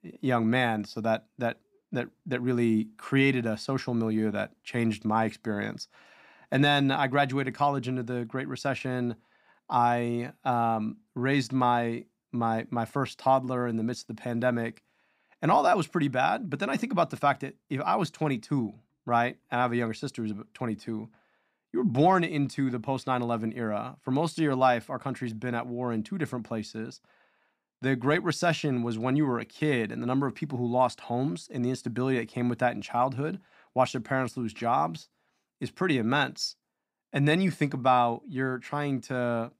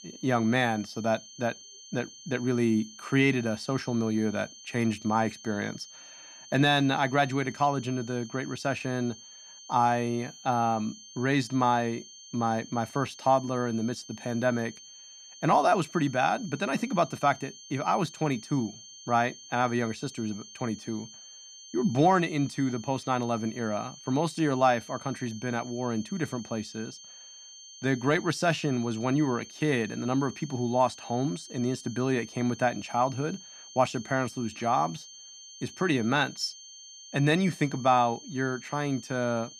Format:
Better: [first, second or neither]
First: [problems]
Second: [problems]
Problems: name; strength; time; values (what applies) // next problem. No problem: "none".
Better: first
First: none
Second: high-pitched whine; noticeable; throughout; 6.5 kHz, 15 dB below the speech